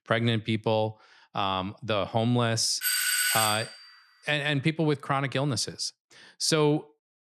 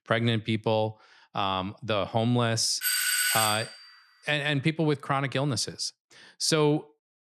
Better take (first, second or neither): neither